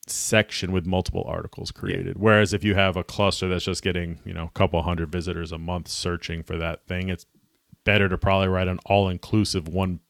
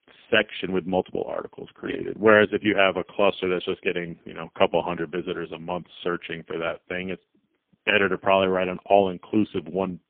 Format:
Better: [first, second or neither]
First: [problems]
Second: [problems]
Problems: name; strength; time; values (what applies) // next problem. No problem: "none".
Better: first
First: none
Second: phone-call audio; poor line